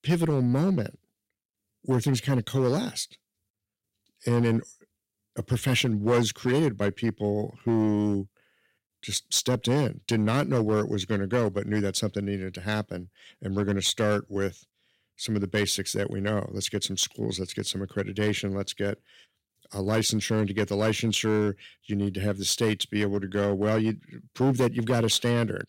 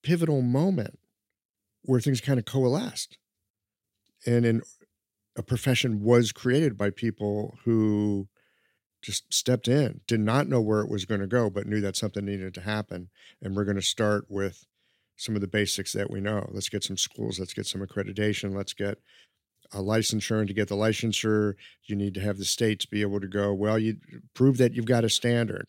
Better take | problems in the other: second | distortion; slight; 4% of the sound clipped

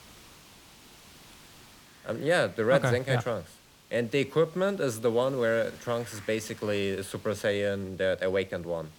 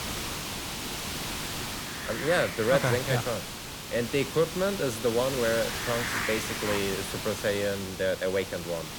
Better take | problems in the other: first | hiss; loud; throughout; 4 dB below the speech; faint in the first

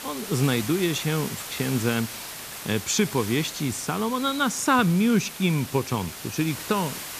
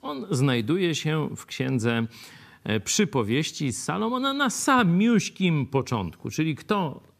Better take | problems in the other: second | hiss; loud; throughout; 9 dB below the speech

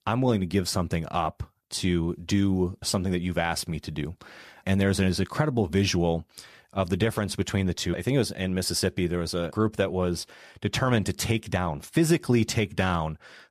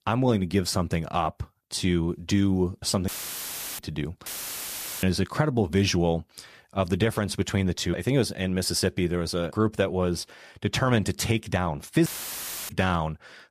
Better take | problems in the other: first | audio cutting out; filled with static; at 3 s for 0.5 s, at 4.5 s for 1 s and at 12 s for 0.5 s

